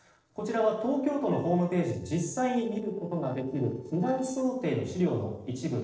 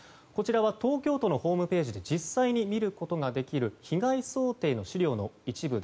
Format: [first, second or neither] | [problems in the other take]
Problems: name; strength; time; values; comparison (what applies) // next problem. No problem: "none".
second | noise reduction (neural separator model SepFormer DNS4)